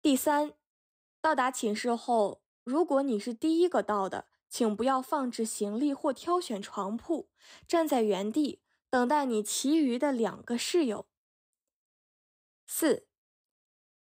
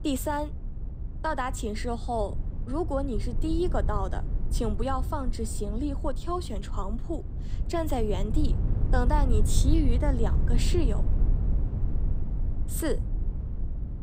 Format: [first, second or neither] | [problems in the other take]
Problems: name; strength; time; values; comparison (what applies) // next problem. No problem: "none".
first | low rumble; noticeable; throughout; 15 dB below the speech